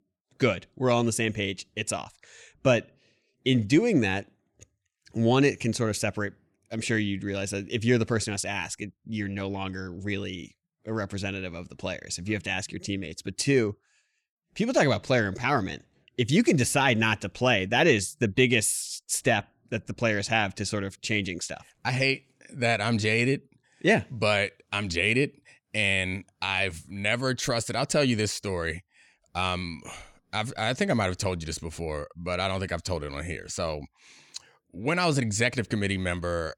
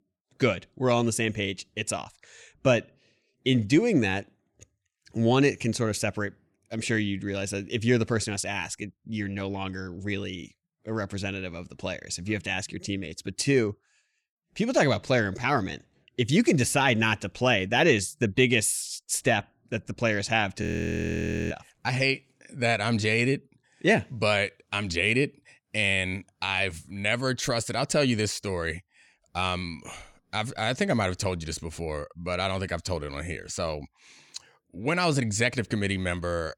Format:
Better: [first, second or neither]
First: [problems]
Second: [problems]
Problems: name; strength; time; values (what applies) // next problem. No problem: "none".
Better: first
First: none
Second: audio freezing; at 21 s for 1 s